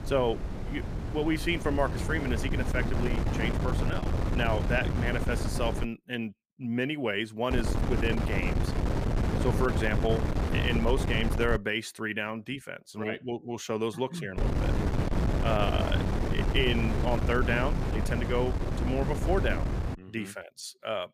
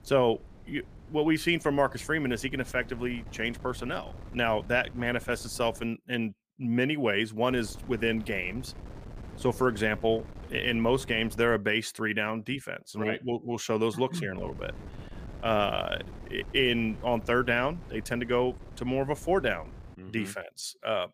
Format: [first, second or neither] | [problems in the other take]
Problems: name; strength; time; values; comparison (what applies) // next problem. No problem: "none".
second | wind noise on the microphone; heavy; until 6 s, from 7.5 to 12 s and from 14 to 20 s; 5 dB below the speech; occasional gusts in the second